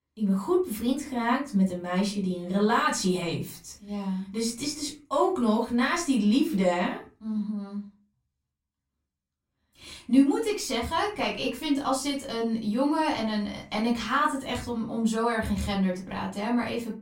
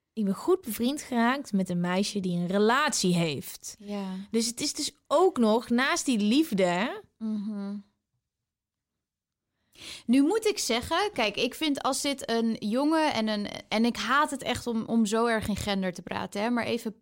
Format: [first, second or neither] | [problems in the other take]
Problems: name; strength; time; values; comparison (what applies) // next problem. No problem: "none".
second | room echo; slight; dies away in 0.3 s // off-mic speech; far